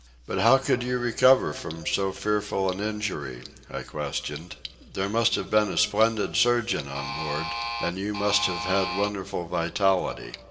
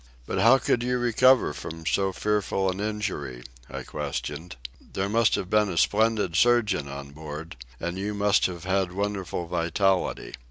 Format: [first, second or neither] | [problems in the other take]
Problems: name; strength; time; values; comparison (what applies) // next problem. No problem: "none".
second | background sound (Alarm); 5 dB below the speech // room echo; dies away in 1.6 s